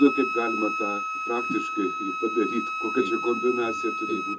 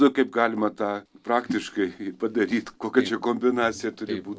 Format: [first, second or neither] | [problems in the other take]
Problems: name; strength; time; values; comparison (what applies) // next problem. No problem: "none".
second | background sound (Wind instrument, woodwind instrument); 3 dB below the speech // room echo; dies away in 0.2 s